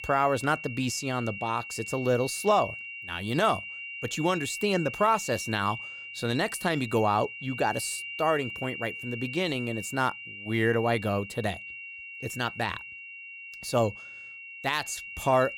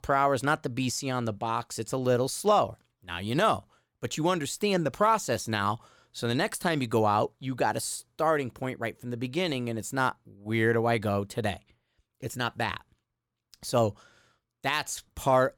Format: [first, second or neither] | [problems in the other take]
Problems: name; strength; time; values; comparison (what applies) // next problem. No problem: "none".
second | high-pitched whine; loud; throughout; 3 kHz, 9 dB below the speech